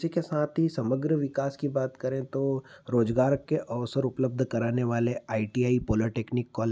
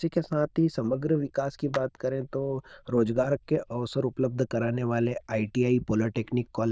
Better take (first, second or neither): first